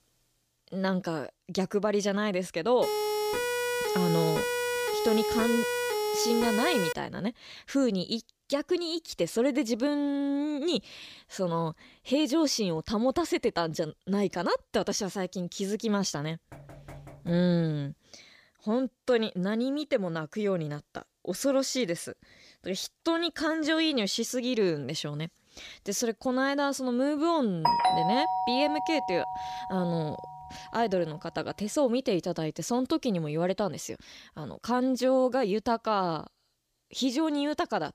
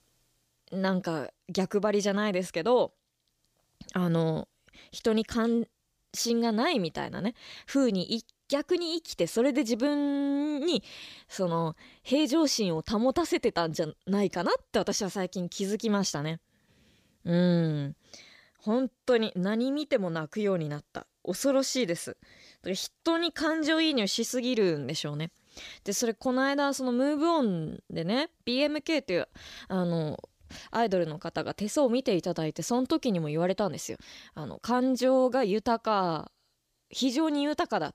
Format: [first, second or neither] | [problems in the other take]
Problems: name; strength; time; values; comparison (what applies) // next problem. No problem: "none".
second | siren; loud; from 3 to 7 s; peak level with the speech // door banging; faint; from 17 to 18 s; peak 20 dB below the speech // doorbell; loud; from 28 to 30 s; peak 5 dB above the speech